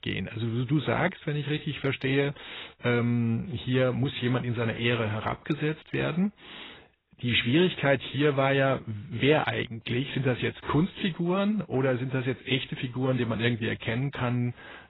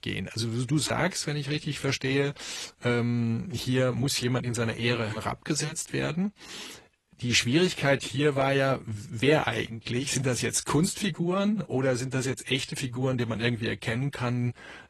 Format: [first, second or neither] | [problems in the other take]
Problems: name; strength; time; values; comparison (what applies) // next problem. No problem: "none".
second | garbled, watery; badly; nothing above 4 kHz; slightly in the second